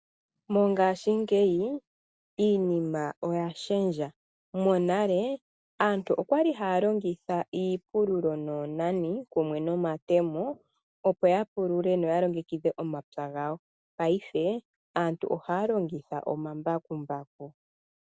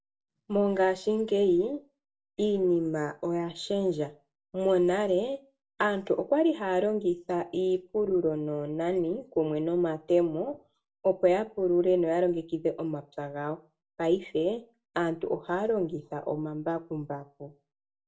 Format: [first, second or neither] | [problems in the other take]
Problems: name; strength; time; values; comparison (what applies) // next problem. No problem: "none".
first | room echo; dies away in 0.2 s